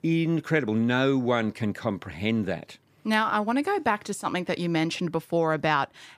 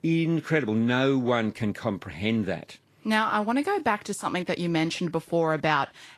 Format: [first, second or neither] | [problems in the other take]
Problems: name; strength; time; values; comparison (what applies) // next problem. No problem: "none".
first | garbled, watery; slightly